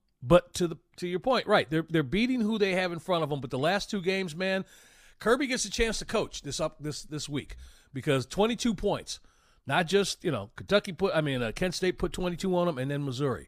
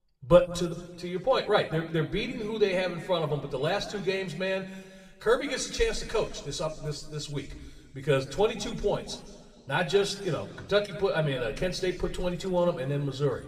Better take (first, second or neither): first